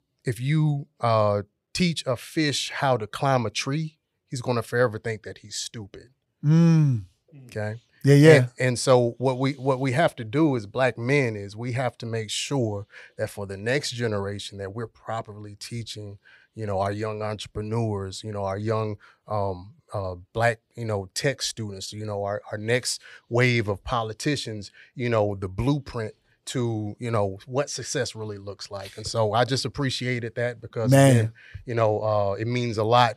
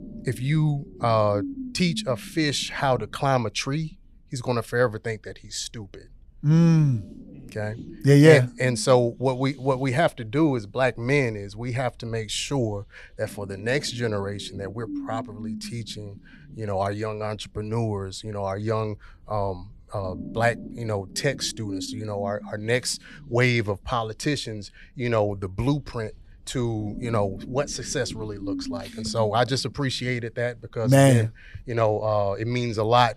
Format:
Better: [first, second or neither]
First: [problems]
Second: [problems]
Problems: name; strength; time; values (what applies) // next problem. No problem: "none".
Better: first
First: none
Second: low rumble; noticeable; throughout; 20 dB below the speech